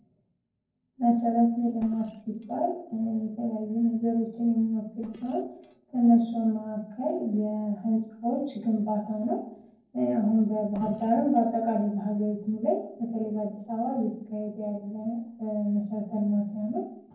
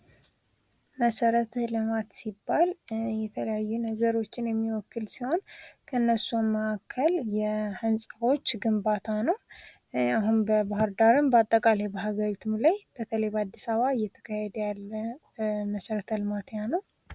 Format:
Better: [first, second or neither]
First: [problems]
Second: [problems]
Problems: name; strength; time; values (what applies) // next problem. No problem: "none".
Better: second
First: noise reduction (neural separator model SepFormer DNS4)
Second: none